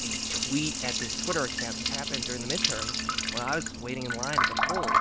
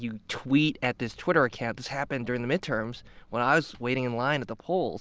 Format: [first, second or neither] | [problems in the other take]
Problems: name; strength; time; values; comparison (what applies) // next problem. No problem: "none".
second | background sound (Liquid); 5 dB above the speech